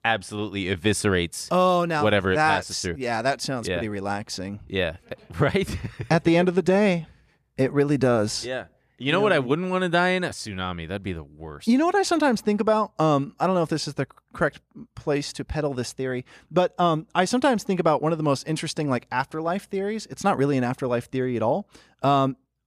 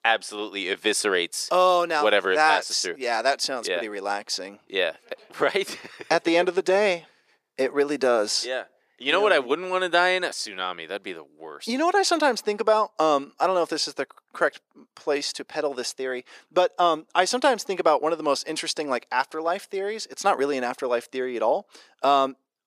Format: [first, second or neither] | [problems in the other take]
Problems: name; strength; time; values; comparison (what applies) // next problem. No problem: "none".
first | thin; somewhat; fading below 350 Hz